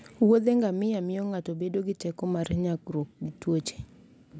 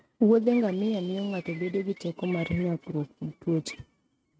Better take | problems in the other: first | noise reduction (neural mask model RNNoise)

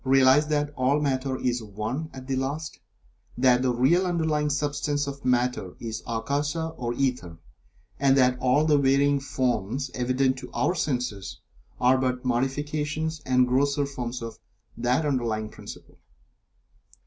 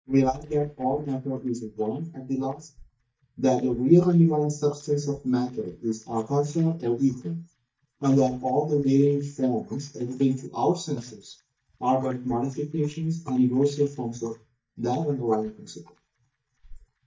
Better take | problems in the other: first | noise reduction (neural mask model DeepFilterNet 3)

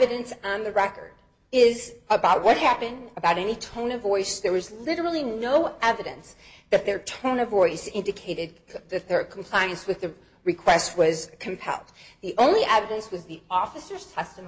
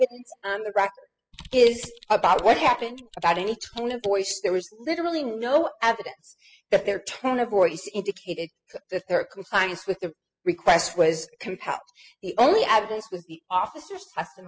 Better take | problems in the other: first | noise reduction (classical method spectral subtraction)

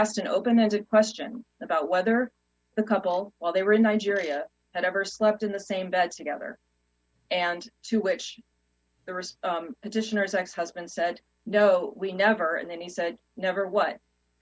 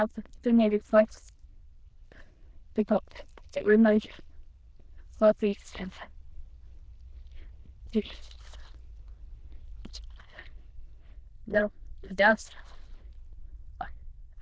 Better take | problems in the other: first | noise reduction (neural diffusion model UNIVERSE++)

